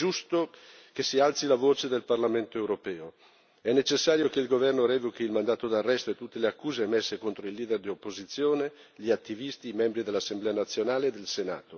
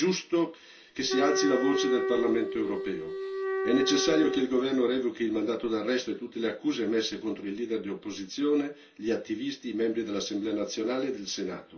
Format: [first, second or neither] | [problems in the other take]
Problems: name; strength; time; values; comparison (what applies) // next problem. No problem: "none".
first | background sound (Wind instrument, woodwind instrument); 1 dB below the speech // room echo; dies away in 0.2 s